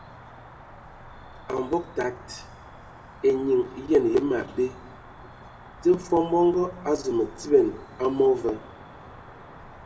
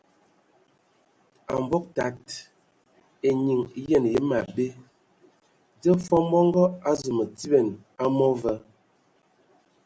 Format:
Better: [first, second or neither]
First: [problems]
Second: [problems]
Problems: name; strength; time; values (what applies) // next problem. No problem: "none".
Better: second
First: background sound (Cricket); 19 dB below the speech // room echo; dies away in 1.5 s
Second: none